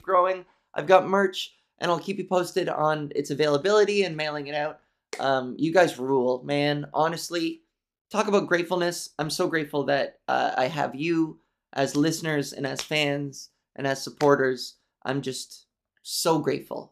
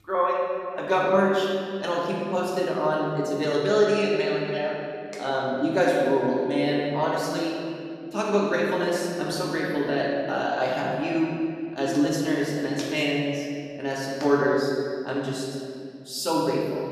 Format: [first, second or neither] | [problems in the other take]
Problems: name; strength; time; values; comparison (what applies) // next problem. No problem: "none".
first | room echo; noticeable; dies away in 2.2 s // off-mic speech; far